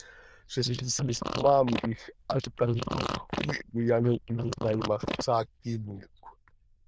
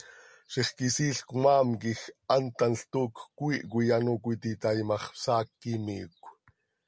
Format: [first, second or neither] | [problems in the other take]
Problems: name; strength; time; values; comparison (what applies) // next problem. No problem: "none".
second | noise reduction (neural diffusion model UNIVERSE++)